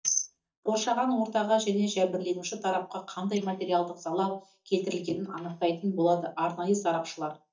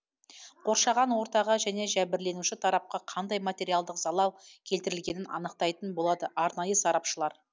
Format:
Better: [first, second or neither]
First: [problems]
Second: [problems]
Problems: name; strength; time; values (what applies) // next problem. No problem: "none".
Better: second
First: noise reduction (neural mask model DeepFilterNet 3)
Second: none